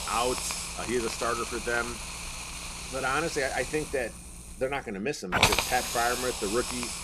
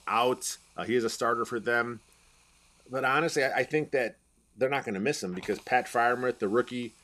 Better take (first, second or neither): second